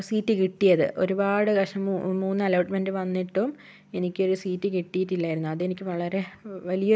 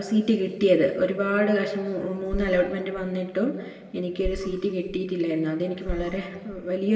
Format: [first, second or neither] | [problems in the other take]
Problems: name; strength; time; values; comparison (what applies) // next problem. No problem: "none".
first | background sound (Burping, eructation); 11 dB below the speech // room echo; dies away in 2.1 s